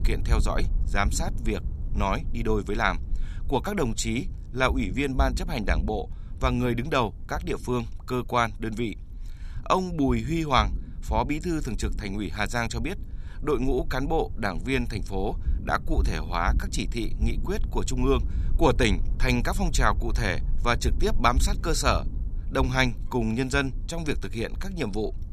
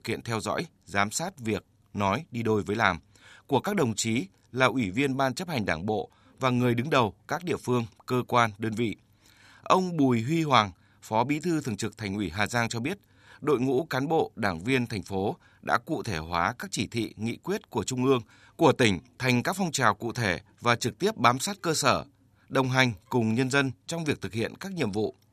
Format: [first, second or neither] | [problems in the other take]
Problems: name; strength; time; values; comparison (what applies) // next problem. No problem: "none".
second | low rumble; faint; throughout; 20 dB below the speech